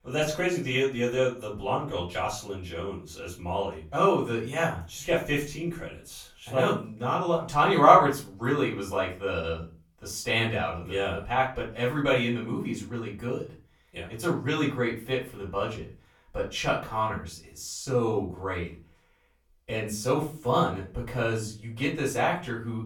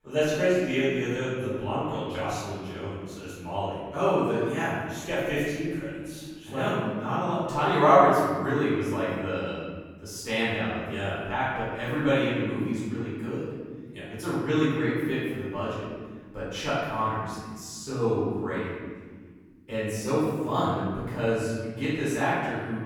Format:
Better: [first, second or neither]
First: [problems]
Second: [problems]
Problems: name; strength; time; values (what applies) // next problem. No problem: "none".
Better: first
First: room echo; slight; dies away in 0.3 s // off-mic speech; far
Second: room echo; strong; dies away in 1.7 s // off-mic speech; far